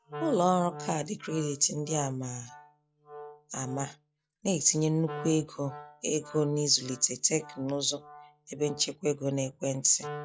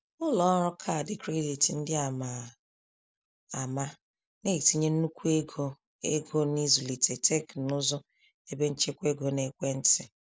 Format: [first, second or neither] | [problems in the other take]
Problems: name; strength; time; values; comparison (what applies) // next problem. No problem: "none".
second | noise reduction (classical method log-MMSE)